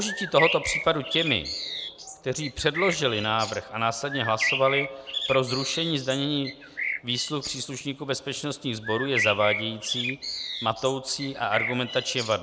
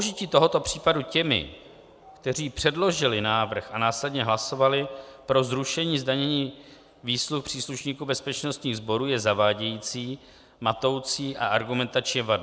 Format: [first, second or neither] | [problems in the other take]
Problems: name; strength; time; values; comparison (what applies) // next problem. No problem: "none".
second | background sound (Bird); 5 dB below the speech